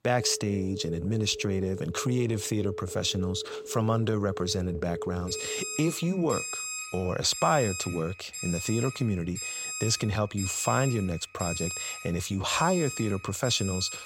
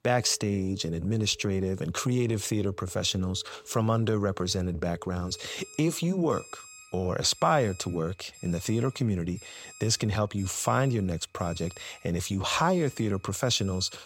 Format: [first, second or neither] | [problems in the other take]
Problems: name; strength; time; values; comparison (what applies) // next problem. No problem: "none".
second | alarms or sirens; loud; throughout; 7 dB below the speech; faint in the second